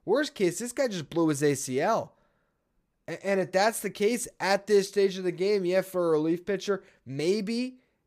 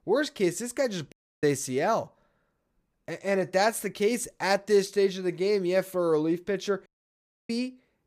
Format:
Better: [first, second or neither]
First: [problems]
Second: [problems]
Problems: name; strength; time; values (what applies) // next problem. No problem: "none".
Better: first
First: none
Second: audio cutting out; at 1 s and at 7 s for 0.5 s